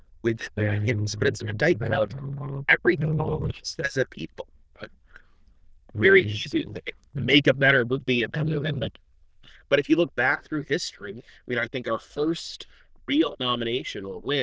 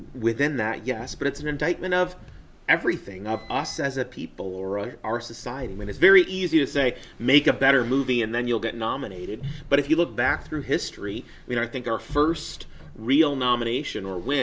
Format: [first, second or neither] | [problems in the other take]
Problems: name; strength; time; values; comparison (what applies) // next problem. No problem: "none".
second | noise reduction (neural diffusion model UNIVERSE++)